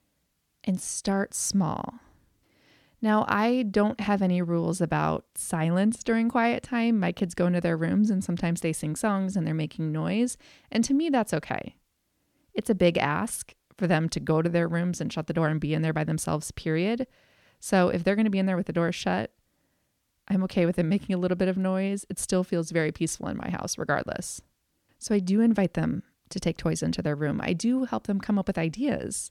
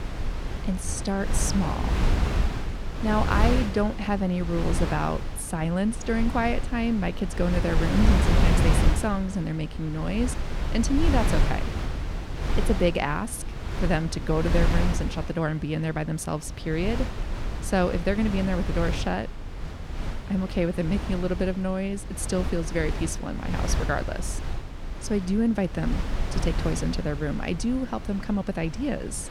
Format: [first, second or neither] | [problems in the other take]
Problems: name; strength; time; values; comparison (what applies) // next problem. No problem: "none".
first | wind noise on the microphone; heavy; 6 dB below the speech